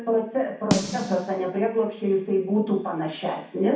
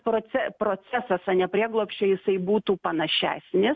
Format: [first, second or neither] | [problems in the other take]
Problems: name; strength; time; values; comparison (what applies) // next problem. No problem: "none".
second | background sound (Snare drum); 6 dB below the speech // room echo; dies away in 0.6 s